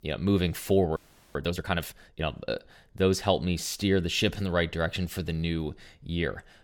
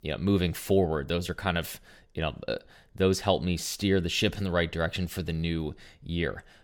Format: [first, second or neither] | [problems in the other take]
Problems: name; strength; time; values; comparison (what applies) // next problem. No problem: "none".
second | audio freezing; at 1 s